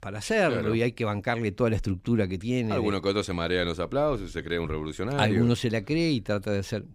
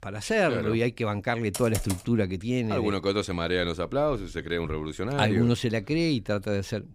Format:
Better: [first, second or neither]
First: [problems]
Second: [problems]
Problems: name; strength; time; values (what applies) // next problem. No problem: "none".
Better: first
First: none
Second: keyboard typing; noticeable; at 1.5 s; peak 8 dB below the speech